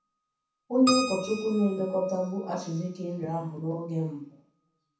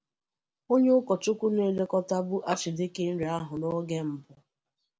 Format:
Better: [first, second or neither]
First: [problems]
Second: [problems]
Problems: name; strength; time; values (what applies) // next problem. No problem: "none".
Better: second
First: background sound (Keyboard (musical)); 10 dB below the speech // room echo; dies away in 0.7 s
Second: none